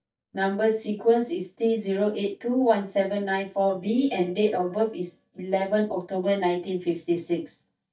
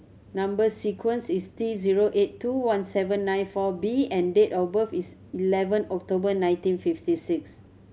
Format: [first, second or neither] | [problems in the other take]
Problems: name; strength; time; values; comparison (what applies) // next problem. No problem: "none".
second | noise reduction (neural mask model DeepFilterNet 3)